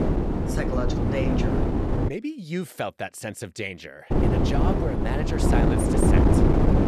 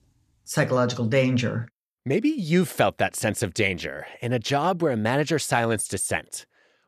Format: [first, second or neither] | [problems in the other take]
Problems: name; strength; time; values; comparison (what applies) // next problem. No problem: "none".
second | wind noise on the microphone; heavy; until 2 s and from 4 s on; 4 dB above the speech